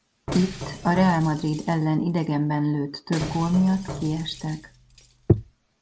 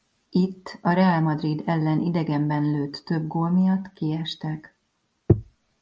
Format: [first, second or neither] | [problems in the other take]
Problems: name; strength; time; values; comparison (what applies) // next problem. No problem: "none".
second | background sound (Knock + Shatter); 13 dB below the speech